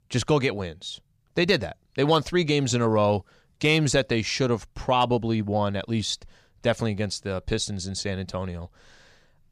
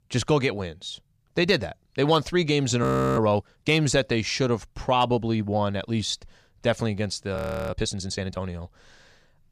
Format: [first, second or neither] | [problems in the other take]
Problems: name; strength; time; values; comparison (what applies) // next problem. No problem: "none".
first | audio freezing; at 3 s and at 7.5 s